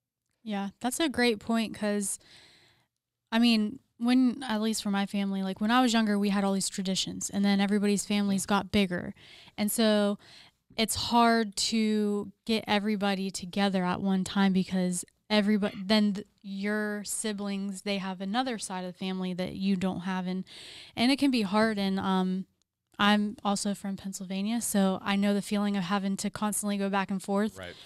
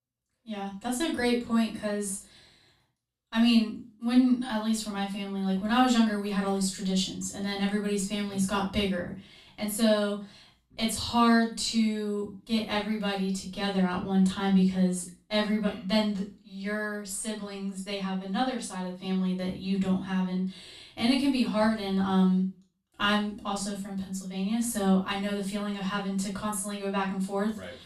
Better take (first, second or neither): first